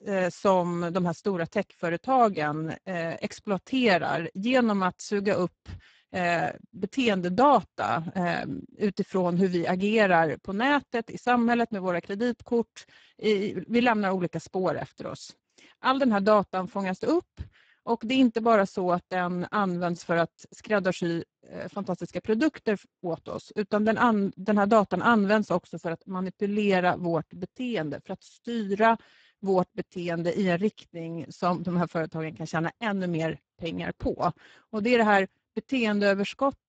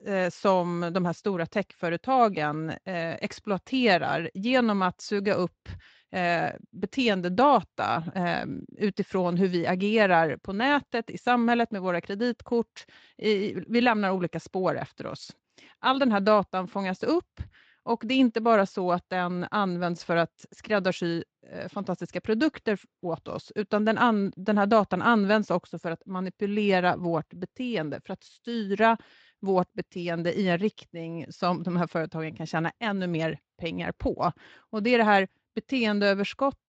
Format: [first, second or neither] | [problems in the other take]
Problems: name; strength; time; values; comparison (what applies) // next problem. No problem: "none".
second | garbled, watery; badly; nothing above 7.5 kHz; slightly in the second